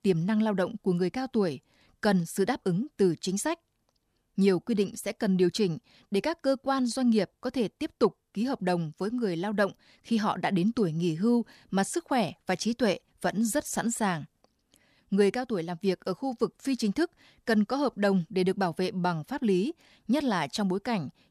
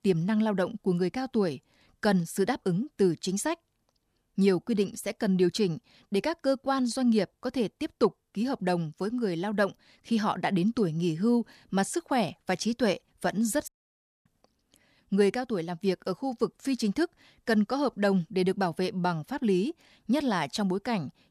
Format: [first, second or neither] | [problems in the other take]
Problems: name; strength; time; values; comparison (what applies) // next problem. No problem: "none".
first | audio cutting out; at 14 s for 0.5 s